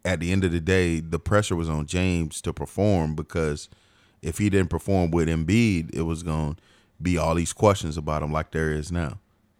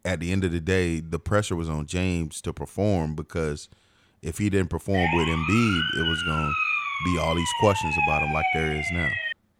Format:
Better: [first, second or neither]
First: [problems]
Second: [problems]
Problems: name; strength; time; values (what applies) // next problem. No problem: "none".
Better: first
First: none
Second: siren; loud; from 5 s on; peak 4 dB above the speech